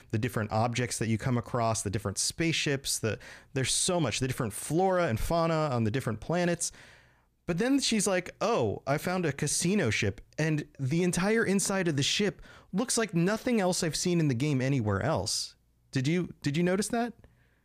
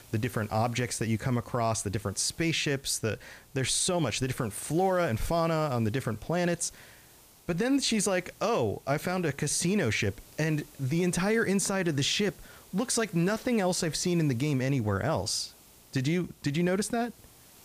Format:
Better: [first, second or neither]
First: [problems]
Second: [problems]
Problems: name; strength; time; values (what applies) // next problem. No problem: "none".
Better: first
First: none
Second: hiss; faint; throughout; 25 dB below the speech